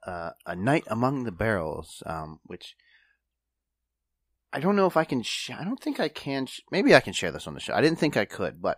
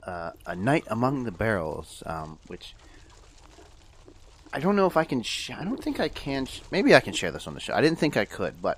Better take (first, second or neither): first